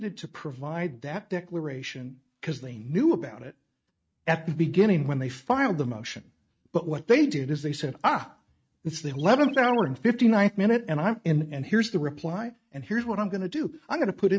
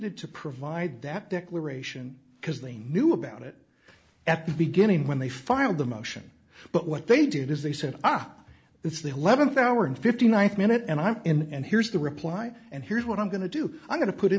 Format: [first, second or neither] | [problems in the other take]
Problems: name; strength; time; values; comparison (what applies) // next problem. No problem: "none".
second | noise reduction (neural mask model RNNoise)